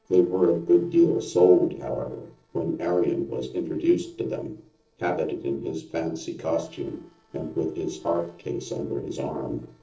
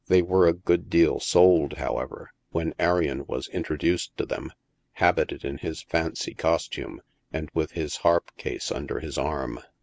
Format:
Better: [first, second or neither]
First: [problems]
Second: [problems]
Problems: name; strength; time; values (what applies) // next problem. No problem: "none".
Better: second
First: noise reduction (neural separator model SepFormer DNS4)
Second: none